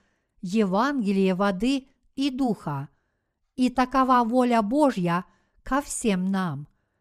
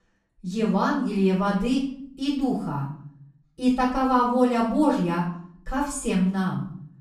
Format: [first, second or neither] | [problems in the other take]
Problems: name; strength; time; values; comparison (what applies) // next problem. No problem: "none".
first | off-mic speech; far // room echo; noticeable; dies away in 0.5 s